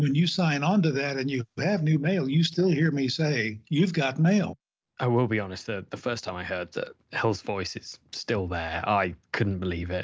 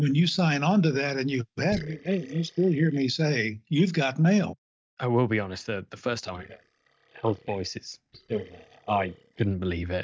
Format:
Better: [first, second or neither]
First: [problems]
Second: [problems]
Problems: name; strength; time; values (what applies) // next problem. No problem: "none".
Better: first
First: none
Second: noise reduction (neural mask model DeepFilterNet 3)